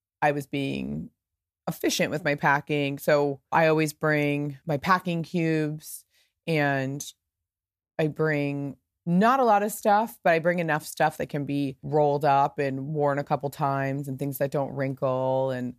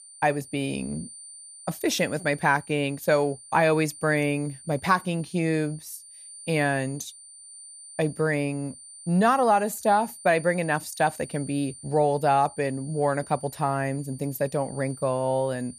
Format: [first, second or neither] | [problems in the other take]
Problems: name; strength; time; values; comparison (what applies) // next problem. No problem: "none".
first | high-pitched whine; noticeable; throughout; 9 kHz, 15 dB below the speech